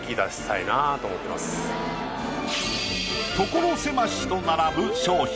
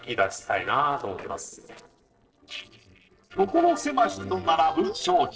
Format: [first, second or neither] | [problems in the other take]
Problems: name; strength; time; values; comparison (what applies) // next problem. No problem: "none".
first | noise reduction (neural separator model SepFormer DNS4)